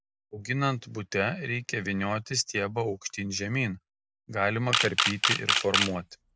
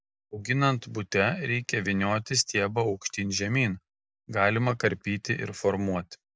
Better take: second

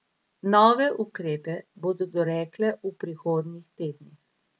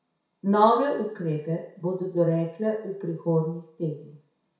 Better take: first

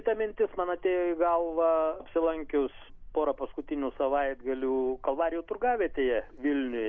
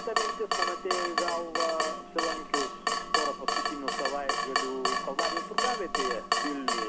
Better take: first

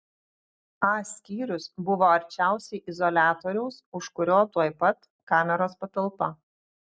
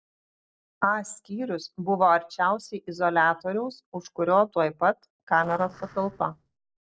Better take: first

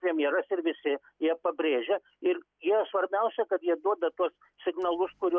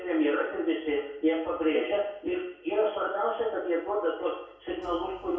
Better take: first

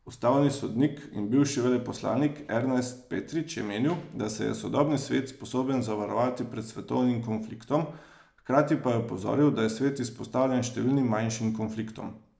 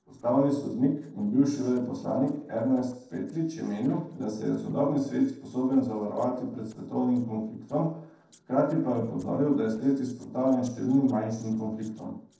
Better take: first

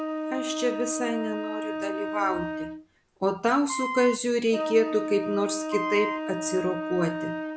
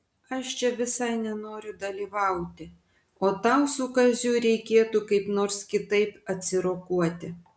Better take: second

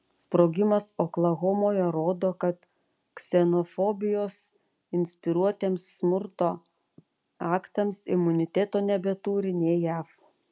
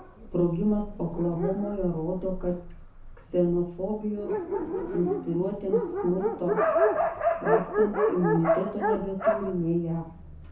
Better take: first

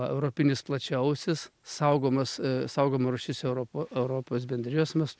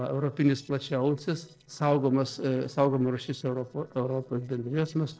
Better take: first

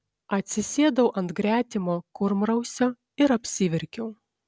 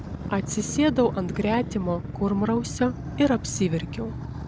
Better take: first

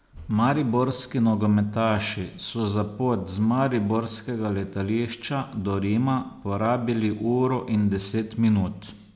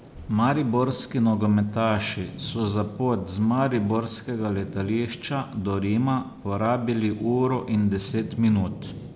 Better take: first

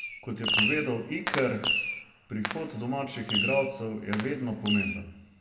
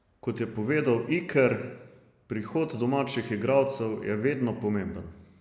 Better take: second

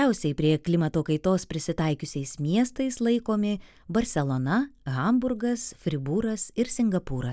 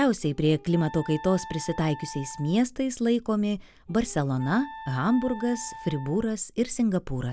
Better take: first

